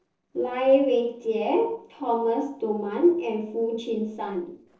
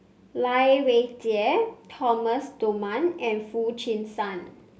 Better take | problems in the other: second | noise reduction (neural separator model SepFormer DNS4)

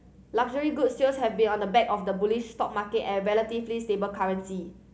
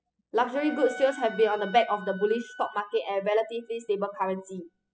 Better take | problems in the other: first | noise reduction (classical method spectral subtraction)

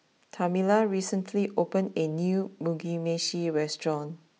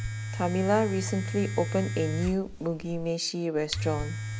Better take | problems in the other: first | background sound (Domestic sounds, home sounds); 5 dB below the speech

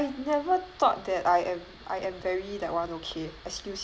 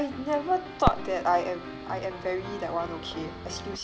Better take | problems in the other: first | background sound (Piano + Fireworks); 6 dB below the speech

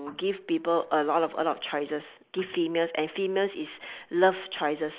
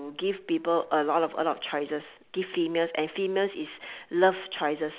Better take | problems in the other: second | noise reduction (neural mask model Resemble Enhance denoiser)

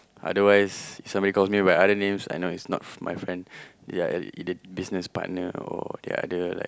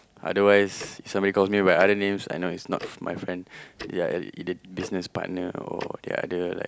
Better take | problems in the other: first | background sound (Tick-tock); 20 dB below the speech

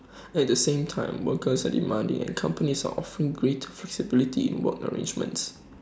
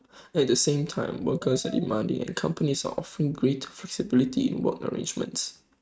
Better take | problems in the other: first | noise reduction (neural mask model RNNoise)

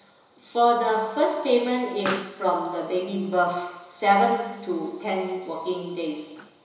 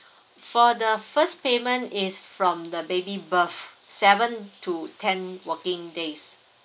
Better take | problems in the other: second | background sound (Explosion); 17 dB below the speech // room echo; dies away in 1 s

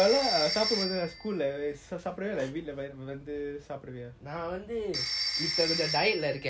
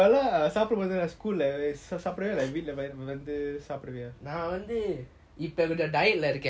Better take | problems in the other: second | background sound (Telephone); 4 dB below the speech

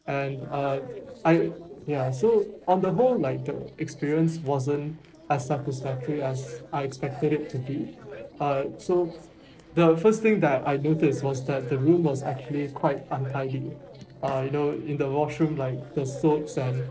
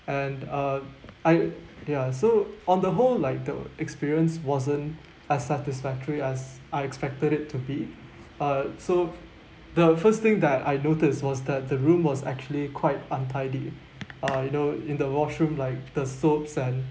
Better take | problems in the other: second | noise reduction (neural separator model SepFormer DNS4)

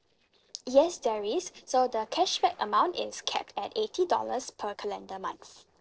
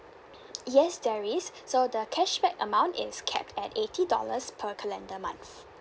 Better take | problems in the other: second | noise reduction (neural separator model SepFormer DNS4)

